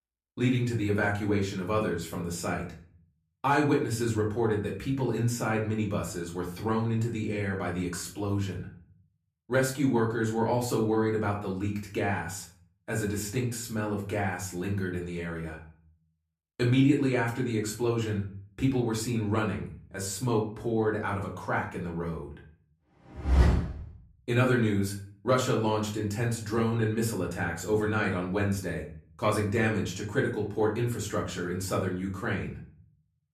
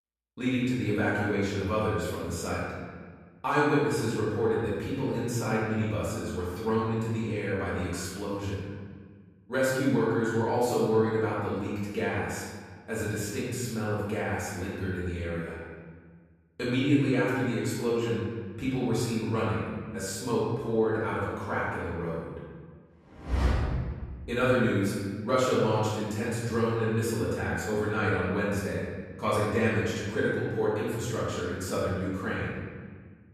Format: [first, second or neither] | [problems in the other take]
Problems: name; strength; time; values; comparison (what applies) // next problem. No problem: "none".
first | room echo; strong; dies away in 1.5 s; slight in the first // off-mic speech; far; far in the first